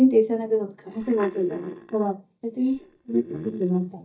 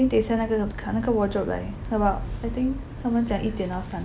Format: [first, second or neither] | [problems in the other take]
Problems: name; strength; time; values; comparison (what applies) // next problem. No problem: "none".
second | noise reduction (neural mask model DeepFilterNet 3)